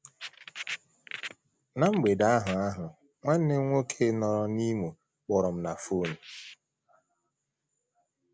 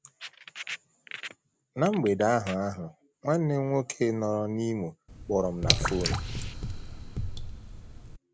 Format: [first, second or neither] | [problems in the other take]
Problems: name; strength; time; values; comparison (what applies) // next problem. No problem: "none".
first | background sound (Drip / Water); 1 dB below the speech